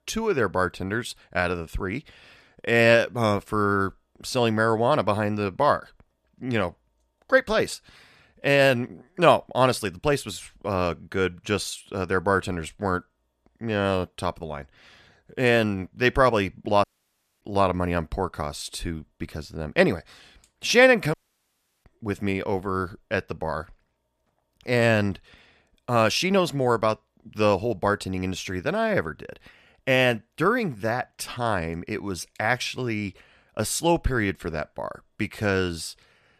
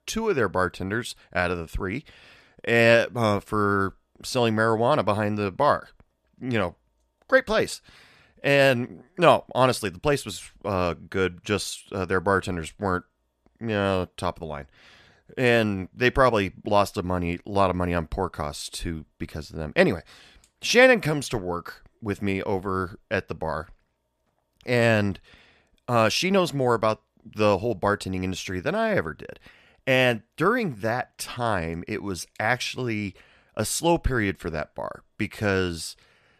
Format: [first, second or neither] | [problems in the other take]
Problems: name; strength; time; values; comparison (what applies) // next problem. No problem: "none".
second | audio cutting out; at 17 s for 0.5 s and at 21 s for 0.5 s